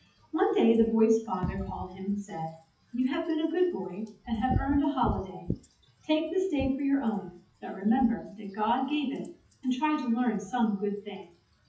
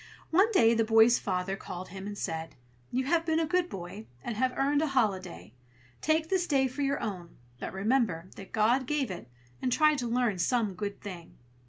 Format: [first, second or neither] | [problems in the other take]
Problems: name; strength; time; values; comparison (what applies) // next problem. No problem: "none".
second | noise reduction (classical method WPE with log-MMSE)